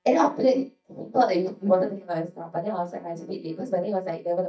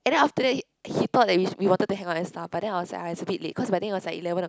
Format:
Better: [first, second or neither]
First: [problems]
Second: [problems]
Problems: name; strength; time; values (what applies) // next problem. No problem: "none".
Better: second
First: noise reduction (neural mask model DeepFilterNet 3)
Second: none